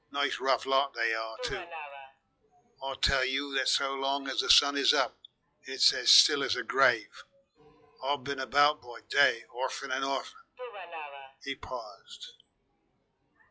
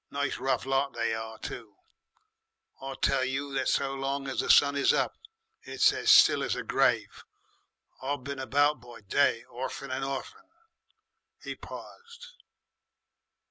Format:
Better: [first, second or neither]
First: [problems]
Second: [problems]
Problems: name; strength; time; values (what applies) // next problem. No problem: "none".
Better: second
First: noise reduction (classical method log-MMSE)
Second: none